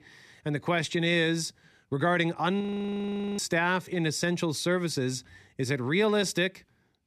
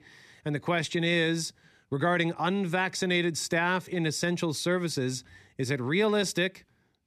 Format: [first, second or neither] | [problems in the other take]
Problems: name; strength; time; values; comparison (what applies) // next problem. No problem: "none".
second | audio freezing; at 2.5 s for 1 s